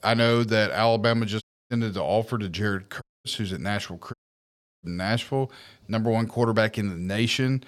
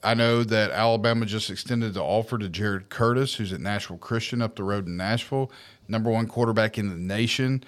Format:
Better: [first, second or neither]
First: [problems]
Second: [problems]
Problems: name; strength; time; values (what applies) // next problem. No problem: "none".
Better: second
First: audio cutting out; at 1.5 s, at 3 s and at 4 s for 0.5 s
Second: none